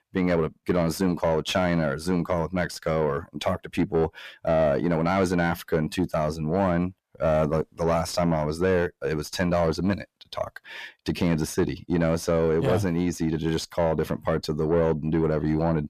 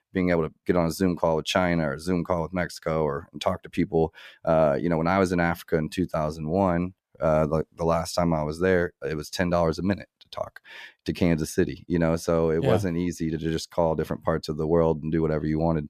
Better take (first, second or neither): second